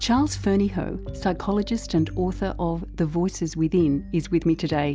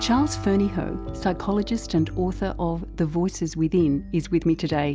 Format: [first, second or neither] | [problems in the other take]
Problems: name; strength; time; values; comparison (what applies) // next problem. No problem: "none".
first | background sound (Acoustic guitar); 18 dB below the speech